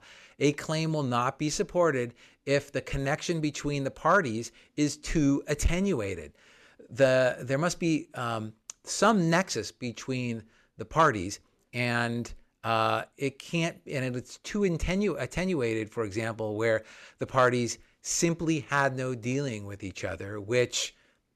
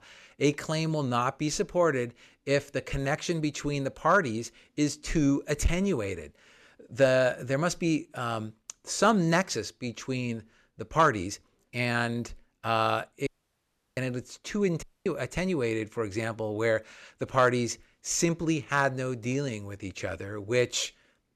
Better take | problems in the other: first | audio cutting out; at 13 s for 0.5 s and at 15 s

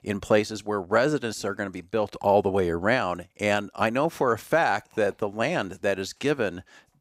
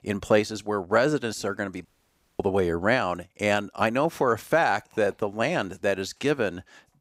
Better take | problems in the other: first | audio cutting out; at 2 s for 0.5 s

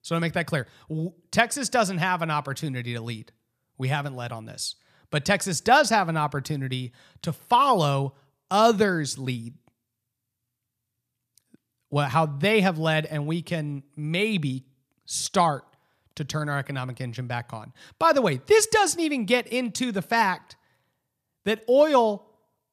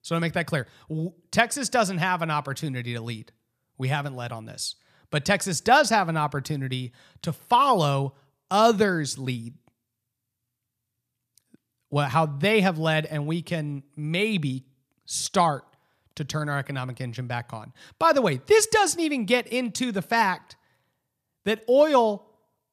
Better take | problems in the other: neither | none

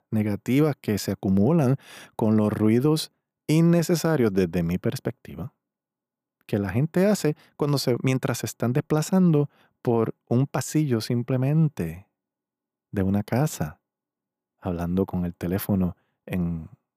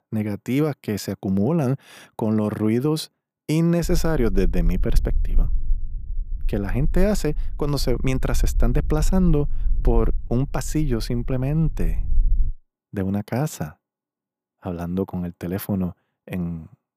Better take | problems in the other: first | low rumble; faint; from 4 to 13 s; 25 dB below the speech

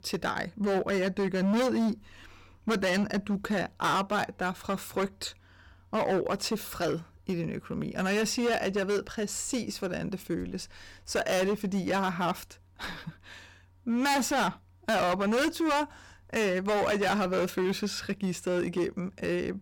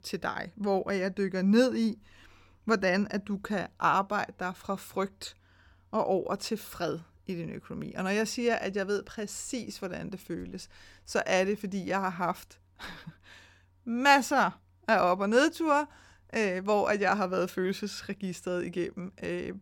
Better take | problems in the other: second | distortion; heavy; 14% of the sound clipped

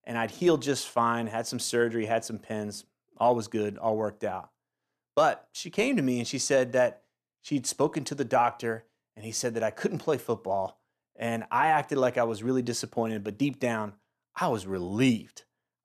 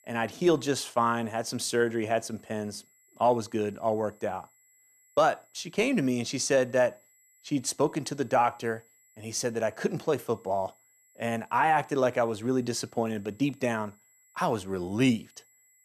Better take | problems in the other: first | high-pitched whine; faint; throughout; 7.5 kHz, 30 dB below the speech

